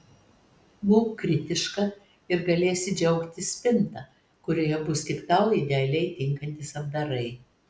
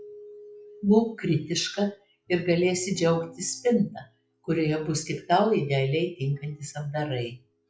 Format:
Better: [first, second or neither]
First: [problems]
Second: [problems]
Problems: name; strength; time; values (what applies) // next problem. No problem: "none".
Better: first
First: none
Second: noise reduction (classical method log-MMSE)